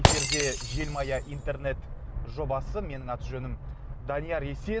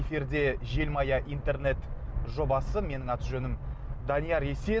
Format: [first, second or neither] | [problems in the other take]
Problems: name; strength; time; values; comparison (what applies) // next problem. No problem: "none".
second | background sound (Shatter); 1 dB below the speech